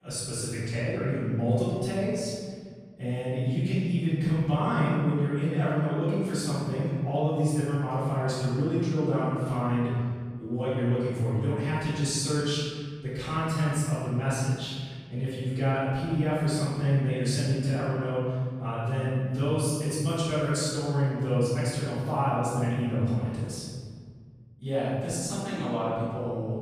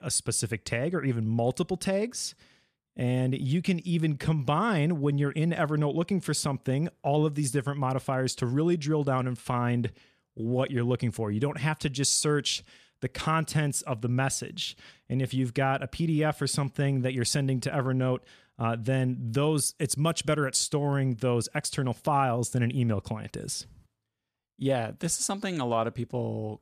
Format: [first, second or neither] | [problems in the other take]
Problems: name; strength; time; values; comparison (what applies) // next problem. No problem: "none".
second | off-mic speech; far // room echo; strong; dies away in 1.8 s